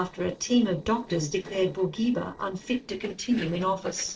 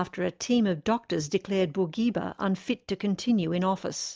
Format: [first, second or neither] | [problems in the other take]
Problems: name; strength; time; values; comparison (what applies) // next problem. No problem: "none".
second | noise reduction (neural separator model SepFormer DNS4)